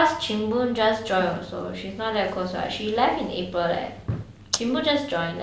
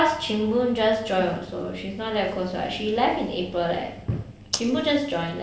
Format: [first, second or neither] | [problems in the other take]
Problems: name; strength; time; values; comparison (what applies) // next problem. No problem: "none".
first | room echo; dies away in 2.8 s